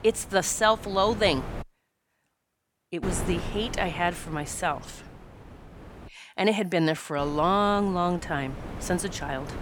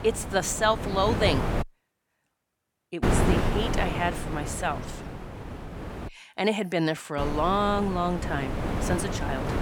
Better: first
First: wind noise on the microphone; occasional gusts; until 1.5 s, from 3 to 6 s and from 7 s on; 15 dB below the speech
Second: wind noise on the microphone; heavy; until 1.5 s, from 3 to 6 s and from 7 s on; 6 dB below the speech

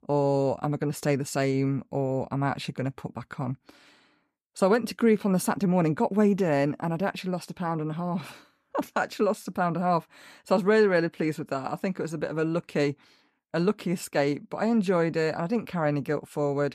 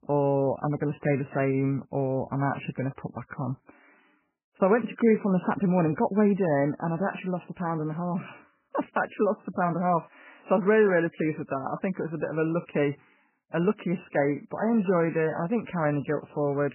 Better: first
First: none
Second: garbled, watery; badly; nothing above 3 kHz

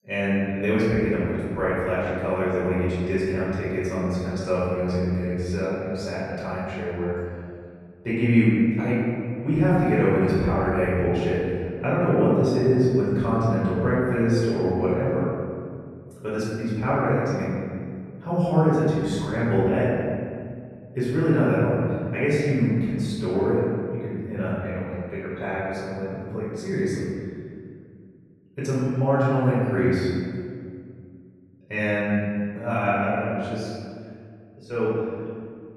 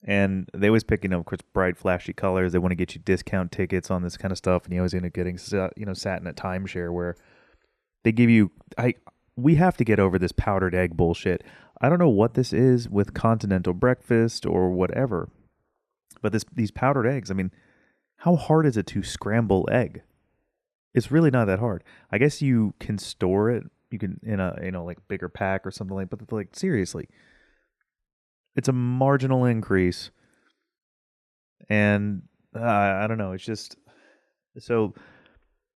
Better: second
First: room echo; strong; dies away in 2 s // off-mic speech; far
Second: none

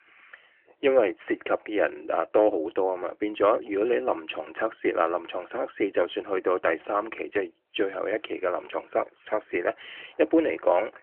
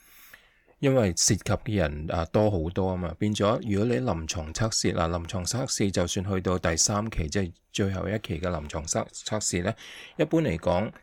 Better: second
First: phone-call audio; nothing above 3 kHz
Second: none

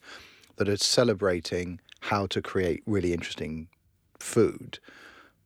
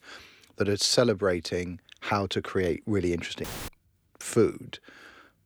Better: first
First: none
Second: audio cutting out; filled with static; at 3.5 s

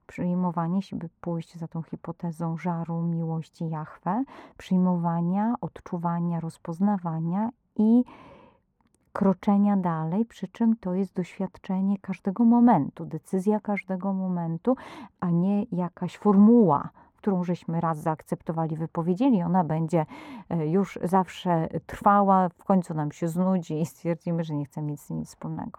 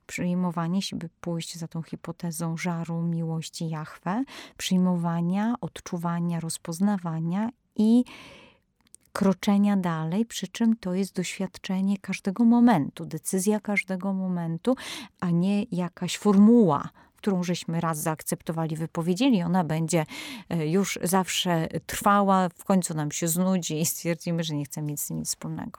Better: second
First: muffled; very; fading above 2 kHz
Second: none

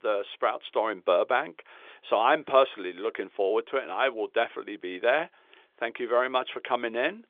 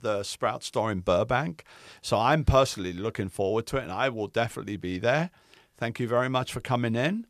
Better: second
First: phone-call audio; nothing above 3.5 kHz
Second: none

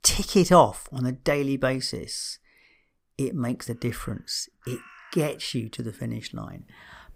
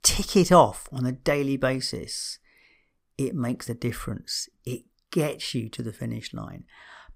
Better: second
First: animal sounds; faint; from 4 s on; 25 dB below the speech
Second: none

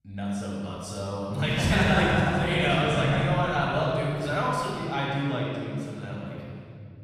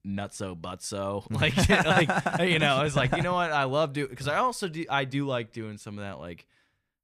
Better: second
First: off-mic speech; far // room echo; strong; dies away in 3 s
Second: none

